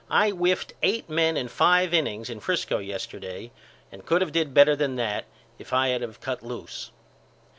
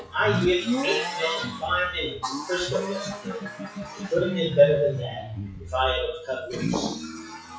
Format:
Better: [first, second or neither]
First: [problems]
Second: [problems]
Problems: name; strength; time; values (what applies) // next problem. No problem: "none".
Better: first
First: none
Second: noise reduction (classical method WPE with log-MMSE)